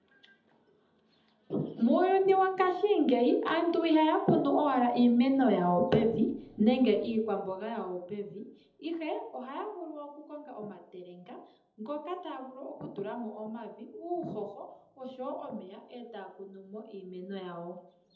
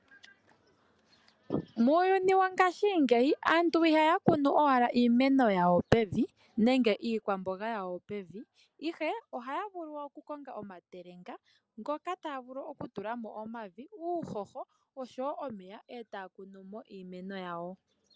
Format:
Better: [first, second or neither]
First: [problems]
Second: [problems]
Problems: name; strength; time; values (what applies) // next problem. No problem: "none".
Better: second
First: room echo; dies away in 0.8 s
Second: none